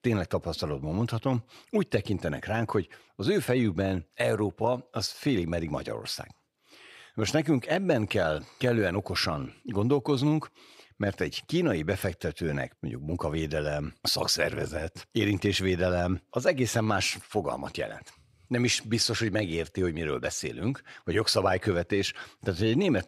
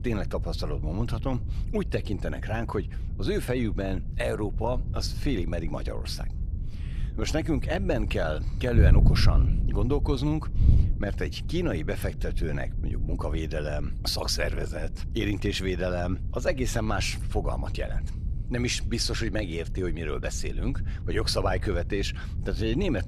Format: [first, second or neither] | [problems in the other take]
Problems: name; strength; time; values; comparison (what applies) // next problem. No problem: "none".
first | wind noise on the microphone; occasional gusts; 15 dB below the speech